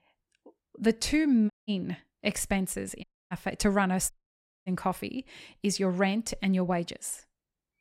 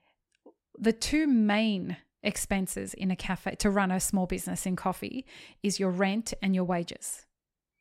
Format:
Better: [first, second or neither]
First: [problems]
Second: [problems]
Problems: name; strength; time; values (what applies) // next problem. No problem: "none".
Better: second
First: audio cutting out; at 1.5 s, at 3 s and at 4 s for 0.5 s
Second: none